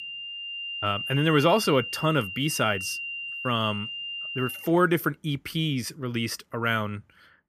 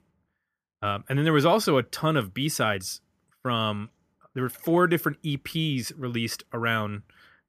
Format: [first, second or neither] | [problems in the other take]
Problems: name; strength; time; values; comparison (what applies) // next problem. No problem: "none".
second | high-pitched whine; loud; until 4.5 s; 3 kHz, 6 dB below the speech